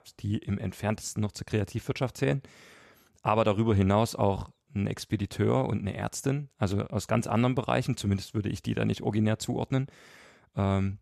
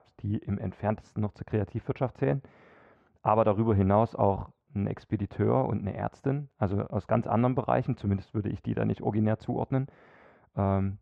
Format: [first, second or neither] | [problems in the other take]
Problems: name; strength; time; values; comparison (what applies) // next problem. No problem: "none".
first | muffled; very; fading above 1.5 kHz